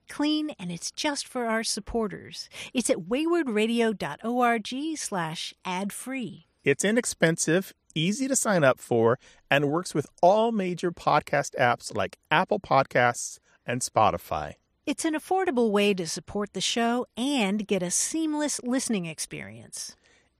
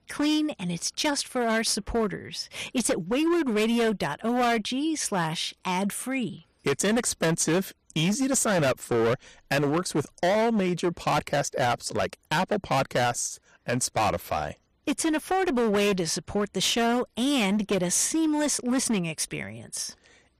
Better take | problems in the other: first | distortion; heavy; 15% of the sound clipped

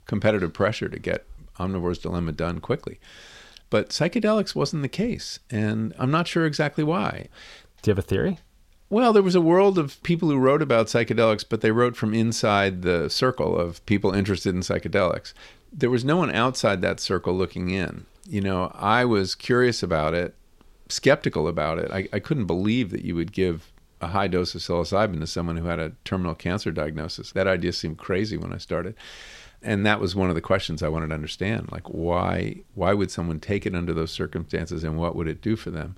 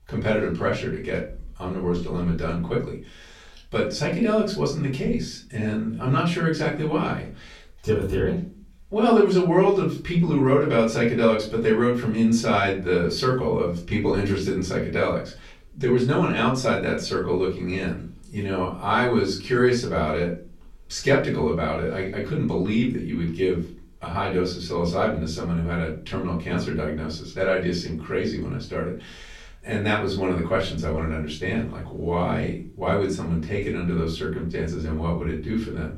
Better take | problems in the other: first | off-mic speech; far // room echo; slight; dies away in 0.3 s

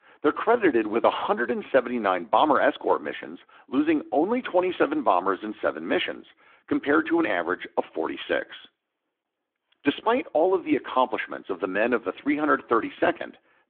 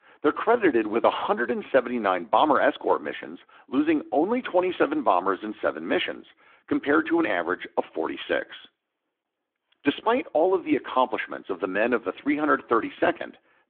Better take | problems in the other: neither | phone-call audio; the same in both

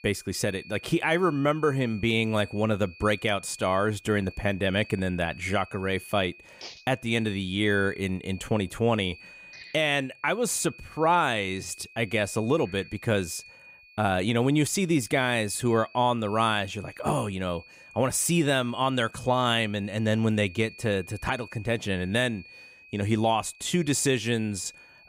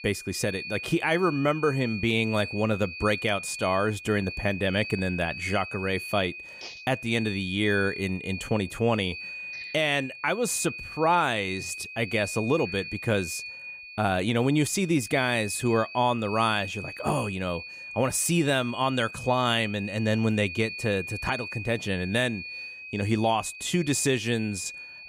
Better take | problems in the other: first | high-pitched whine; loud; throughout; 2.5 kHz, 10 dB below the speech; faint in the first

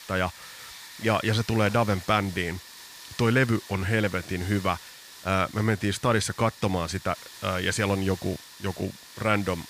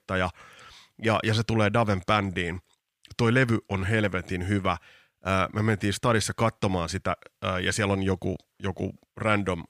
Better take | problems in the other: second | hiss; noticeable; throughout; 15 dB below the speech

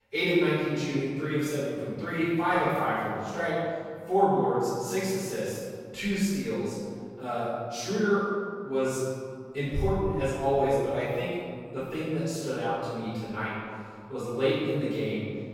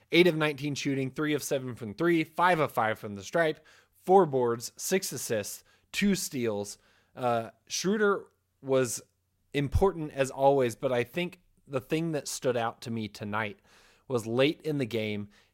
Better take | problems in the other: second | off-mic speech; far // room echo; strong; dies away in 2 s

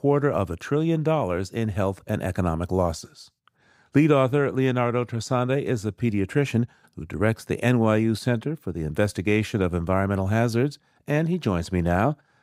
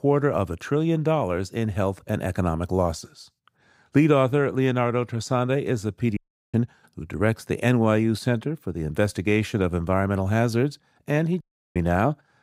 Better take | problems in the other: first | audio cutting out; at 6 s and at 11 s

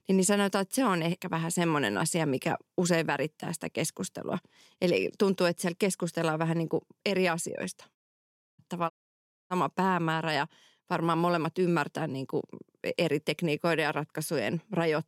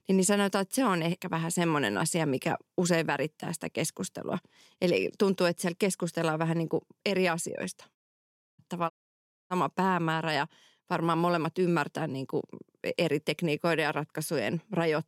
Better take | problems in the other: neither | audio cutting out; at 8 s for 0.5 s and at 9 s for 0.5 s; the same in both

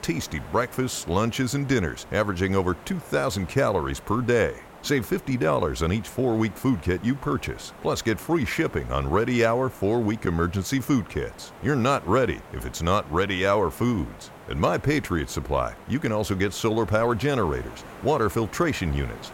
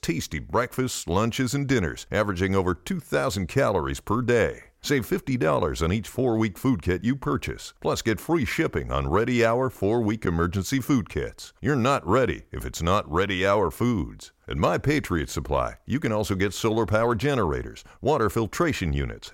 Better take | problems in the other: second | hiss; noticeable; throughout; 20 dB below the speech

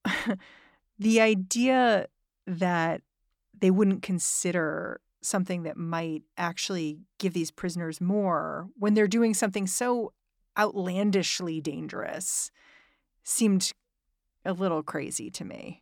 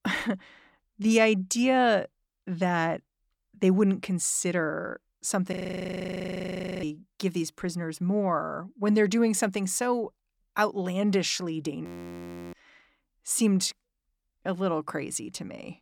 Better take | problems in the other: first | audio freezing; at 5.5 s for 1.5 s and at 12 s for 0.5 s

